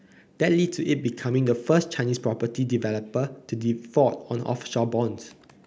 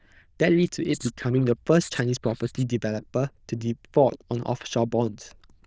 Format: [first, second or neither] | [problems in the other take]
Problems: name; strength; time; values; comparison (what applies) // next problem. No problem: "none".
first | noise reduction (neural diffusion model UNIVERSE++)